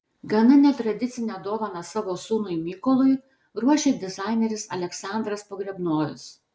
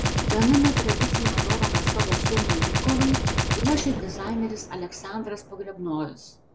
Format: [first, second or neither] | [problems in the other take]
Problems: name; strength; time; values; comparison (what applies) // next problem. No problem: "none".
first | background sound (Gunshot, gunfire); 2 dB above the speech